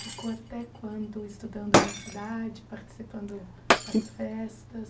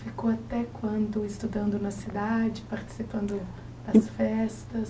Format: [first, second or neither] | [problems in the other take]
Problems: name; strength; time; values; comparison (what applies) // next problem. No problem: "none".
second | background sound (Shatter); 4 dB above the speech